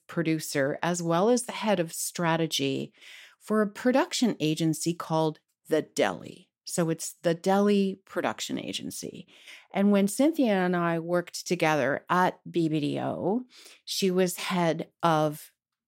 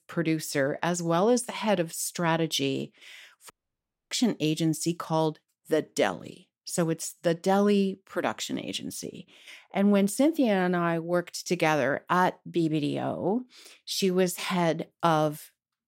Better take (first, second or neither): first